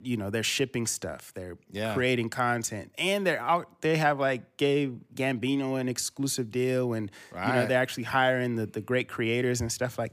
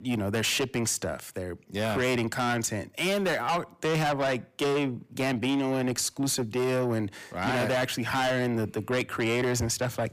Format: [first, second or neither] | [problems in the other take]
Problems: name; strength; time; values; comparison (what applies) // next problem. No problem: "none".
first | distortion; heavy; 7 dB below the speech